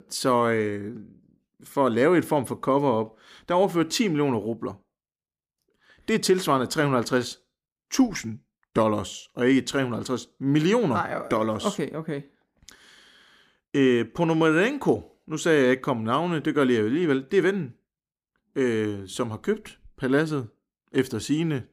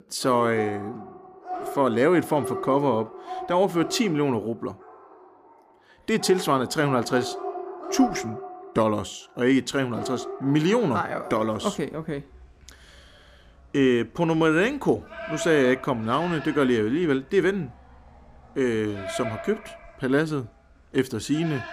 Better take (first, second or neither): first